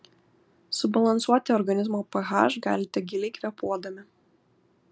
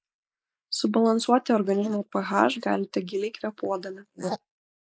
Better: first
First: none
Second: noise reduction (neural mask model Resemble Enhance denoiser)

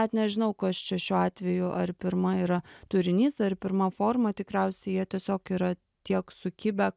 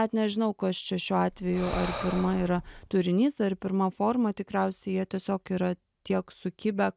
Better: first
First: none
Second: background sound (Breathing); 9 dB below the speech

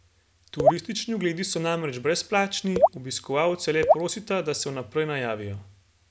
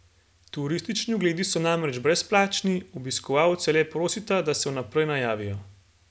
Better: second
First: background sound (Raindrop / Drip); 4 dB above the speech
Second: none

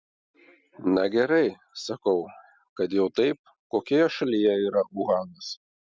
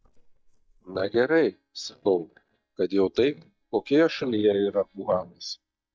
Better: first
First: none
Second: noise reduction (neural mask model DeepFilterNet 3)

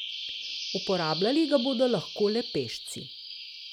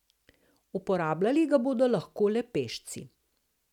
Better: second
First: background sound (Bird vocalization, bird call, bird song); 8 dB below the speech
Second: none

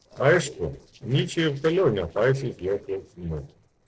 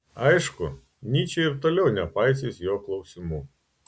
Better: second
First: noise reduction (neural separator model SepFormer DNS4)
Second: none

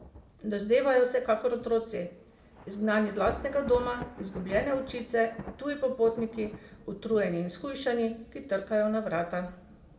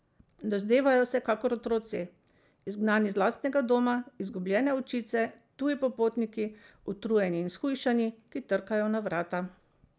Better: second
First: background sound (Thunder / Rain); 17 dB below the speech // room echo; dies away in 1 s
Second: none

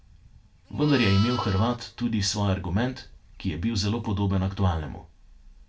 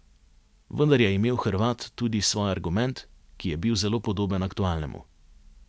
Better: second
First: background sound (Livestock, farm animals, working animals); 16 dB below the speech // room echo; dies away in 0.2 s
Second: none

